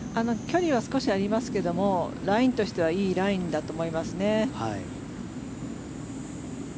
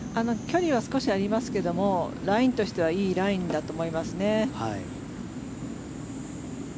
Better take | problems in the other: first | background sound (Tap / Hammer); 18 dB below the speech

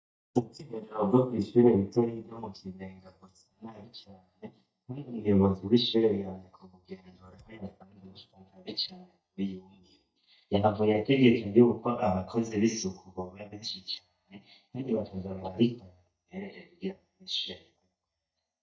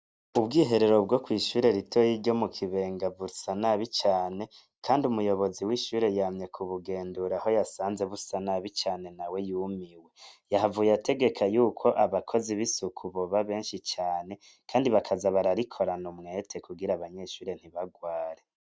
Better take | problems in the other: second | noise reduction (neural mask model DeepFilterNet 3)

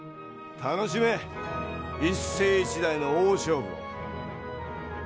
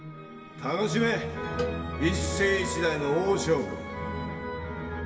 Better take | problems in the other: first | background sound (Cowbell); 11 dB below the speech // room echo; dies away in 1.7 s

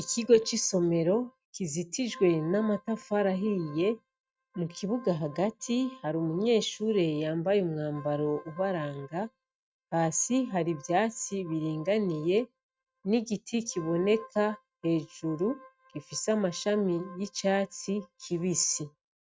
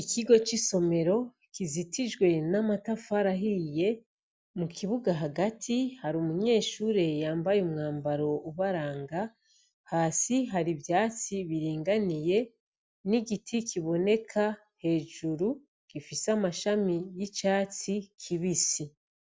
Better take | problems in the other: second | noise reduction (neural mask model RNNoise)

